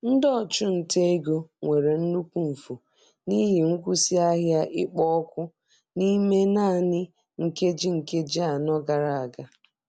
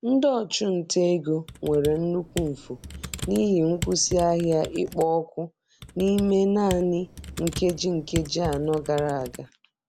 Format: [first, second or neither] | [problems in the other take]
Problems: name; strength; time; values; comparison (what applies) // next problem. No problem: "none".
first | background sound (Computer keyboard); 13 dB below the speech